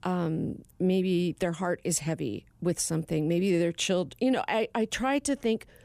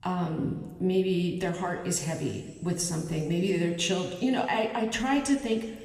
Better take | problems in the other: first | room echo; slight; dies away in 1.5 s

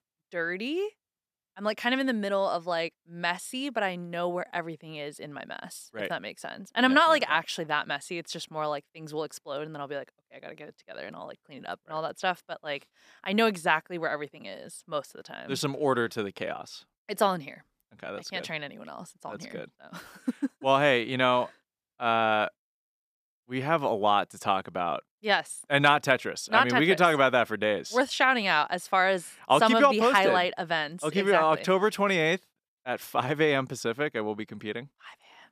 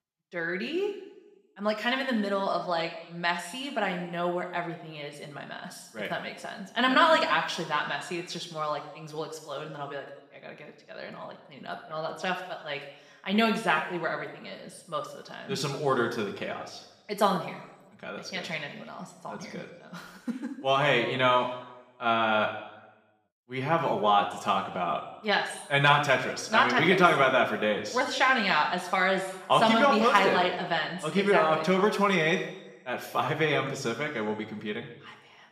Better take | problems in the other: first | room echo; slight; dies away in 1 s // off-mic speech; somewhat distant

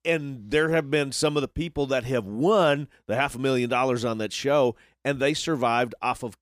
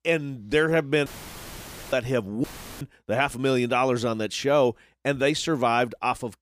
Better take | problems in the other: first | audio cutting out; filled with static; at 1 s for 1 s and at 2.5 s

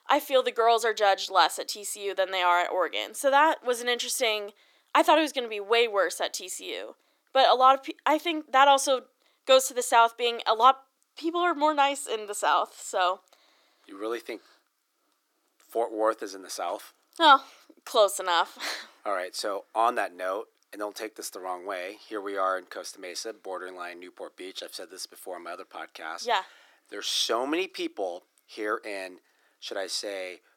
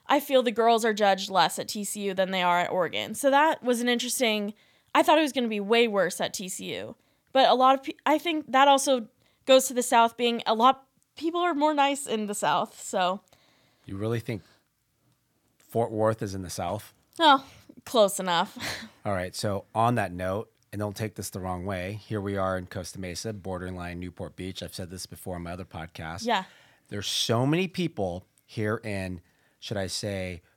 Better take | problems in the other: second | thin; somewhat; fading below 300 Hz

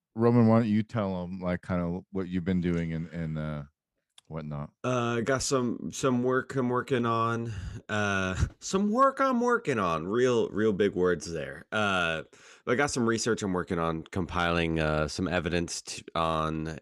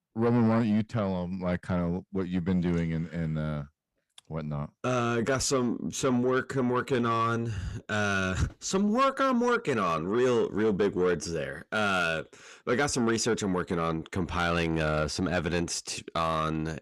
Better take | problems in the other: first | distortion; slight; 10 dB below the speech

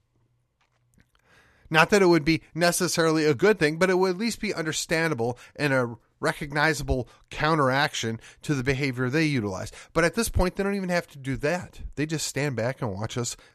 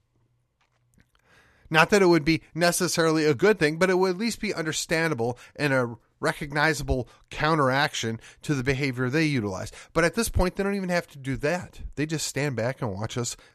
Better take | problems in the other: neither | none

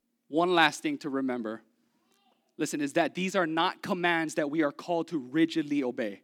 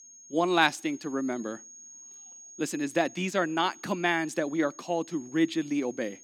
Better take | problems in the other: first | high-pitched whine; noticeable; throughout; 6.5 kHz, 20 dB below the speech

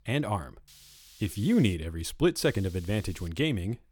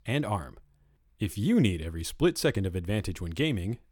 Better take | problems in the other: second | hiss; faint; from 0.5 to 1.5 s and at 2.5 s; 25 dB below the speech

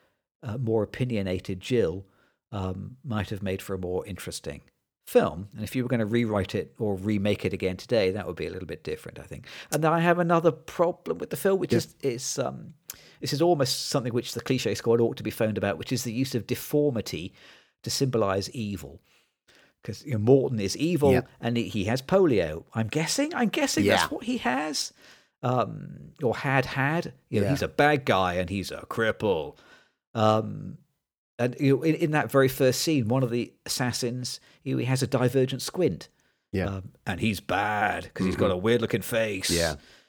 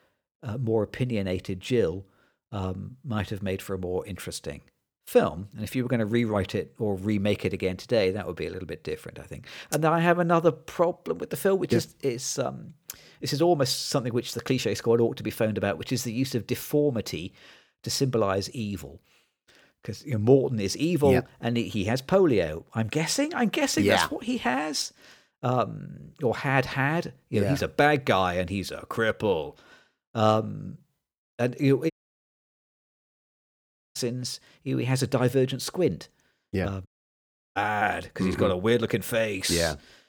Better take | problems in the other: first | audio cutting out; at 32 s for 2 s and at 37 s for 0.5 s

